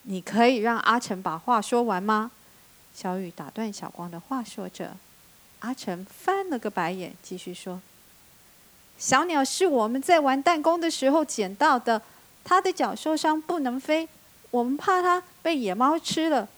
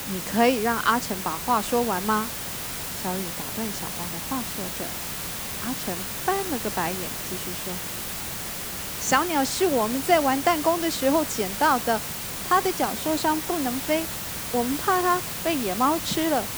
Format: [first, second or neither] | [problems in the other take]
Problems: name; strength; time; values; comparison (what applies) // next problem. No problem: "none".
first | hiss; loud; throughout; 5 dB below the speech; faint in the first